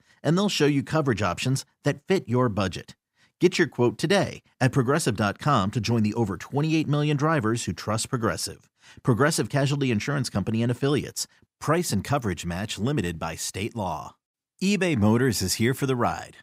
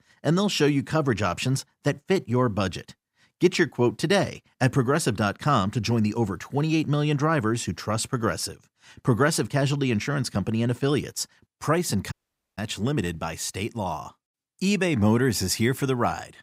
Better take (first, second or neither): first